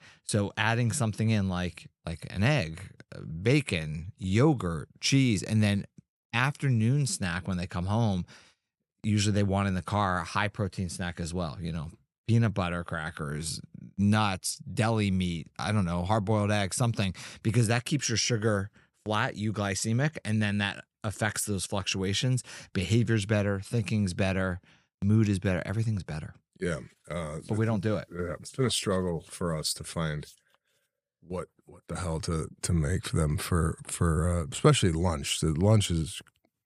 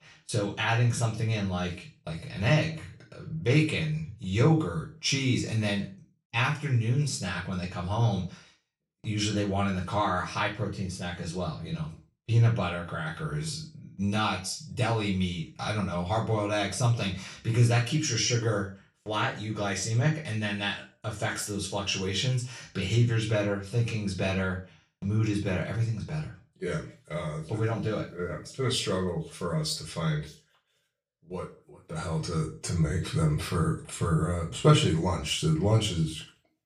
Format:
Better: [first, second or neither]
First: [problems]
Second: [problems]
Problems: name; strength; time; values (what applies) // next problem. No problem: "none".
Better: first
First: none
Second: room echo; slight; dies away in 0.3 s // off-mic speech; far